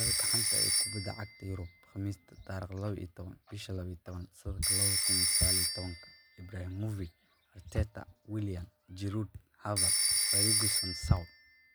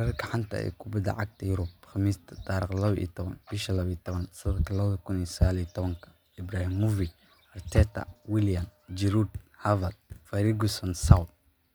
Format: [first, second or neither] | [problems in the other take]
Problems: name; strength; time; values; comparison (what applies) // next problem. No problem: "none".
second | background sound (Telephone); 4 dB above the speech